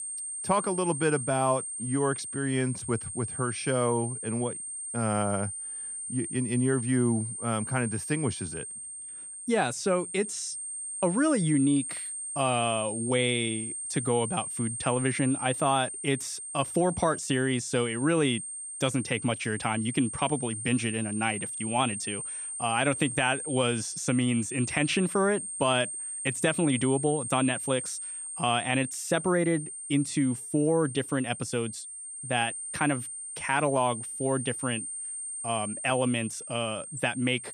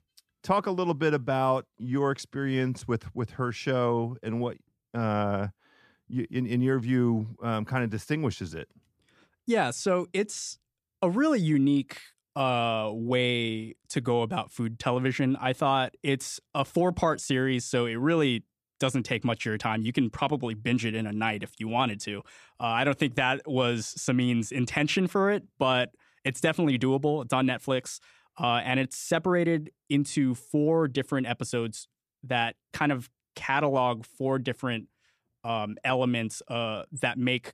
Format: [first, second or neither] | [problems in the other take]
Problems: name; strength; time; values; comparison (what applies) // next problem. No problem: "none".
second | high-pitched whine; loud; throughout; 8.5 kHz, 6 dB below the speech